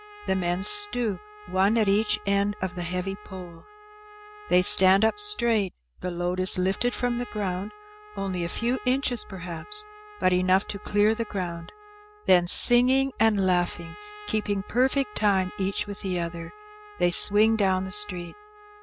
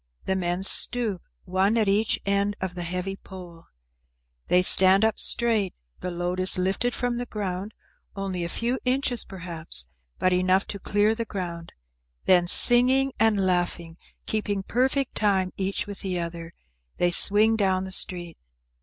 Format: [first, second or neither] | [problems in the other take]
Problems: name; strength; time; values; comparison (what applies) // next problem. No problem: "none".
second | background sound (Trumpet); 20 dB below the speech